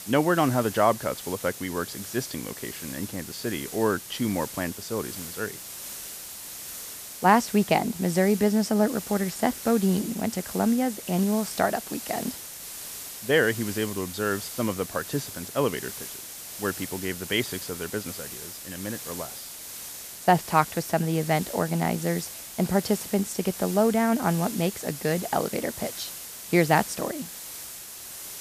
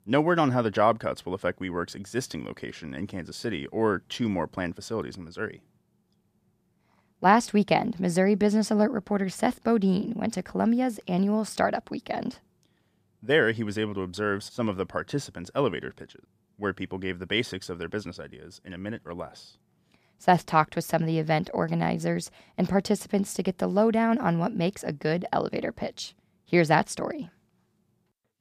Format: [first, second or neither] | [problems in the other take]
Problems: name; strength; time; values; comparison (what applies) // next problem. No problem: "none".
second | hiss; loud; throughout; 10 dB below the speech